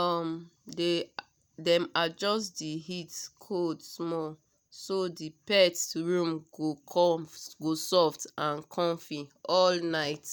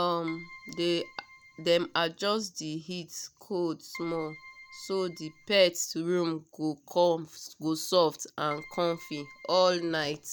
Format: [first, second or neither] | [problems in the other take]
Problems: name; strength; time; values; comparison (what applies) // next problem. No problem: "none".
first | background sound (Keyboard (musical)); 19 dB below the speech